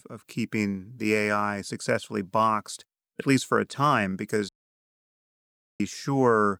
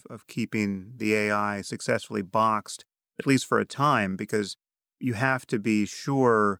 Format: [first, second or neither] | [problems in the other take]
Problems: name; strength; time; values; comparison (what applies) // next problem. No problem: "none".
second | audio cutting out; at 4.5 s for 1.5 s